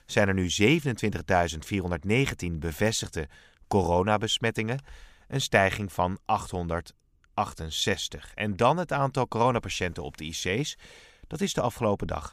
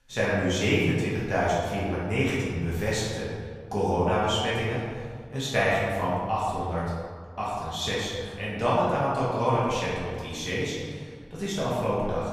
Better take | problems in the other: first | room echo; strong; dies away in 1.6 s // off-mic speech; far

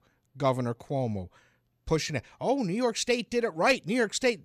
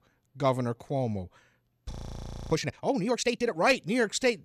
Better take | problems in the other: first | audio freezing; at 2 s for 0.5 s

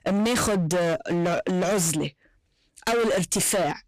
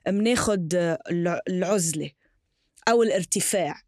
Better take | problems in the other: second | distortion; heavy; 30% of the sound clipped

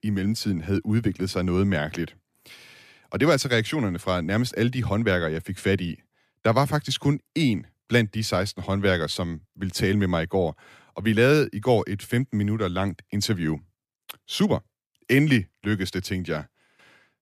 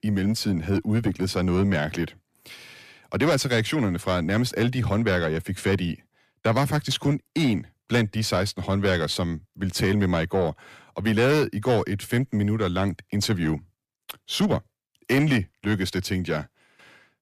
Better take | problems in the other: first | distortion; slight; 10 dB below the speech

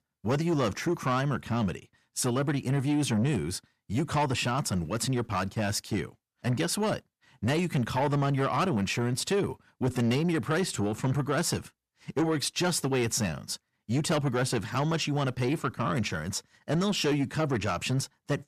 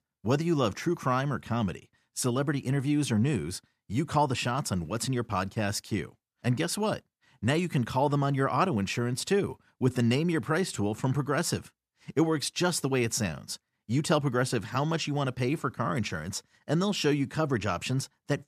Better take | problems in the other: second | distortion; slight; 10 dB below the speech

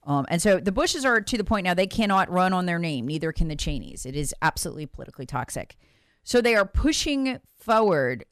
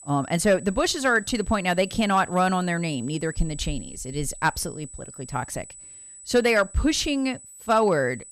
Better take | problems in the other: first | high-pitched whine; noticeable; throughout; 8 kHz, 15 dB below the speech

